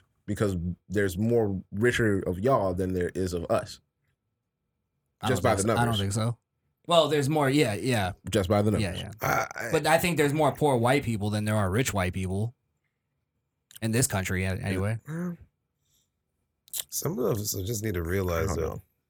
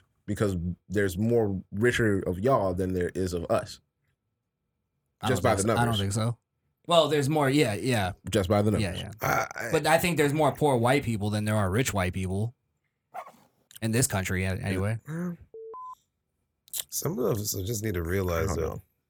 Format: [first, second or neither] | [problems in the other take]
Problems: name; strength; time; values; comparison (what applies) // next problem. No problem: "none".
first | dog barking; faint; at 13 s; peak 15 dB below the speech // alarm; faint; at 16 s; peak 15 dB below the speech